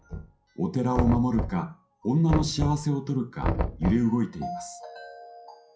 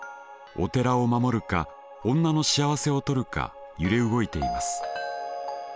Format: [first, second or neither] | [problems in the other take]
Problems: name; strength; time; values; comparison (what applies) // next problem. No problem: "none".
second | noise reduction (classical method WPE with log-MMSE)